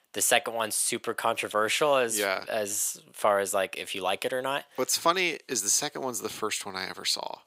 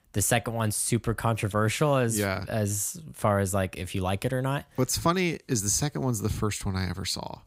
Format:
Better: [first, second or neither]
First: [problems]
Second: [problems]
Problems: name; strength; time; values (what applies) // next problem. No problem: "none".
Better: second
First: thin; very; fading below 500 Hz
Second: none